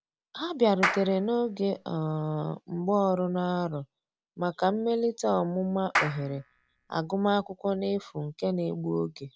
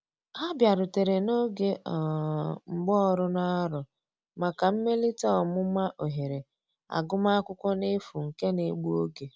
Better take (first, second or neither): second